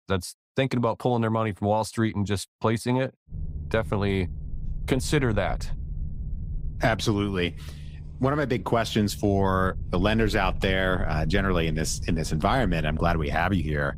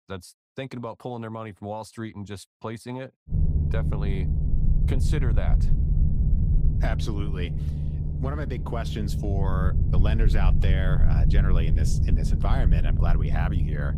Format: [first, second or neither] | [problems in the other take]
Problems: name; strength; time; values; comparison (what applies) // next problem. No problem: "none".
first | low rumble; loud; from 3.5 s on; 4 dB below the speech; faint in the first